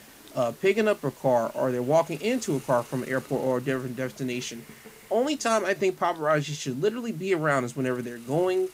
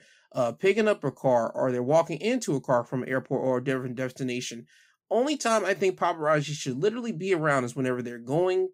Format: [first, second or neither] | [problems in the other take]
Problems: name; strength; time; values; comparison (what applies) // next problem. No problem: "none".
second | hiss; faint; throughout; 20 dB below the speech